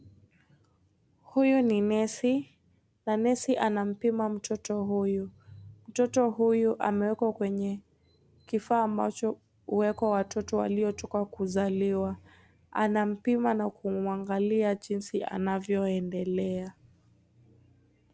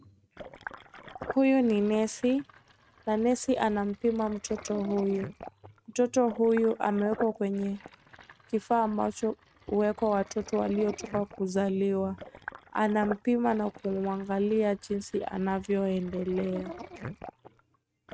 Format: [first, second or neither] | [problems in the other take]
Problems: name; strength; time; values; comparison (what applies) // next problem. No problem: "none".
first | noise reduction (neural mask model RNNoise)